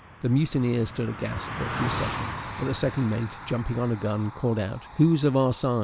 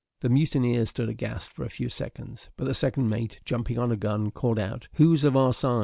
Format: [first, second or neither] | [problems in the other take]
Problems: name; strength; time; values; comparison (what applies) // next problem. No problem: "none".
second | background sound (Car passing by); 10 dB below the speech